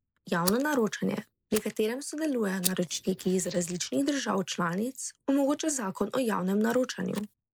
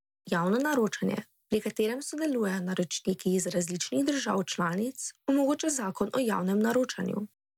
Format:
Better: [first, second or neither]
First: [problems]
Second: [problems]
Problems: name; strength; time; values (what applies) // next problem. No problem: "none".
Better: second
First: noise reduction (neural mask model Resemble Enhance denoiser)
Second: none